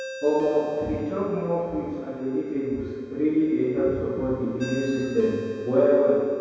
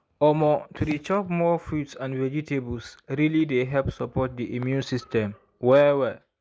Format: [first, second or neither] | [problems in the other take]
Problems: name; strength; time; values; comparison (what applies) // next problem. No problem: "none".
second | background sound (Ringtone); 18 dB below the speech // room echo; dies away in 2.2 s